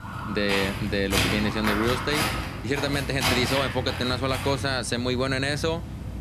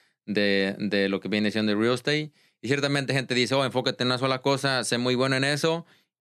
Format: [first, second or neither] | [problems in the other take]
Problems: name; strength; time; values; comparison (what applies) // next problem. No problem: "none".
second | footsteps; loud; peak 3 dB above the speech